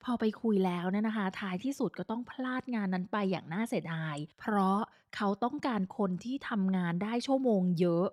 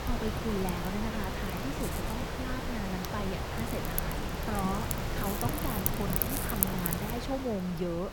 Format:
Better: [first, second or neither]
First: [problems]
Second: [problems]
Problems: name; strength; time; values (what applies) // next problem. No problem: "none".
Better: first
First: none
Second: wind noise on the microphone; heavy; 3 dB above the speech